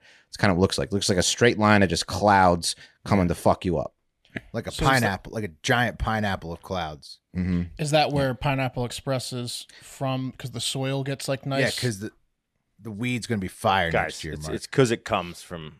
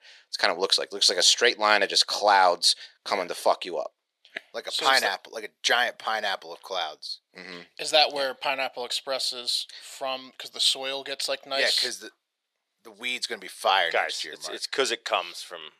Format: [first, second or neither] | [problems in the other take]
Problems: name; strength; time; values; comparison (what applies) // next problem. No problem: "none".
first | thin; very; fading below 450 Hz